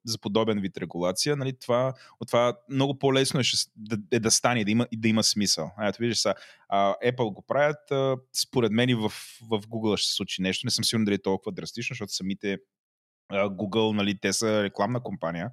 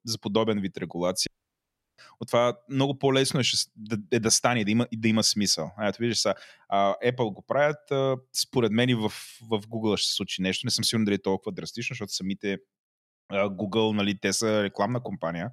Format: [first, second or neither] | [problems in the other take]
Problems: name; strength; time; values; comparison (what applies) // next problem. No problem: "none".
first | audio cutting out; at 1.5 s for 0.5 s